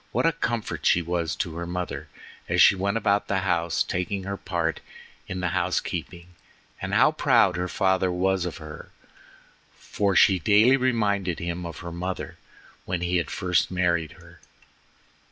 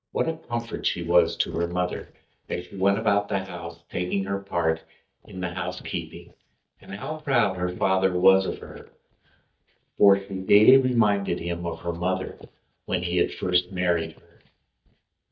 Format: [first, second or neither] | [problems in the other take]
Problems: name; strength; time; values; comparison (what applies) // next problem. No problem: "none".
first | noise reduction (neural mask model DeepFilterNet 3)